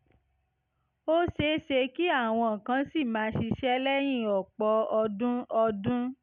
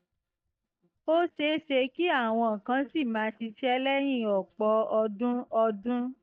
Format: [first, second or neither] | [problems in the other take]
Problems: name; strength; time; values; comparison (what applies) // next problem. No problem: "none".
first | noise reduction (neural mask model DeepFilterNet 3)